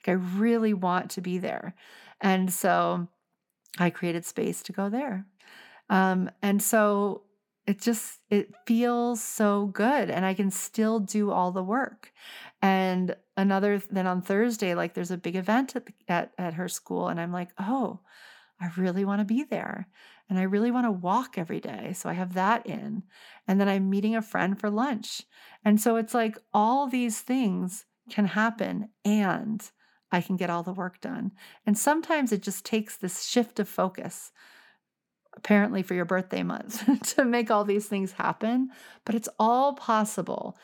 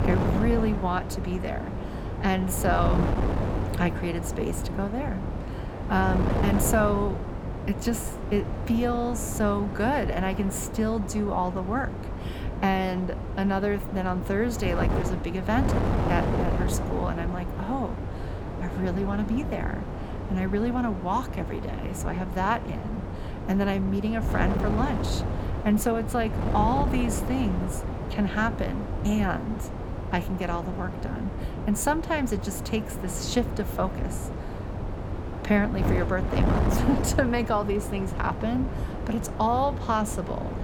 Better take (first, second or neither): first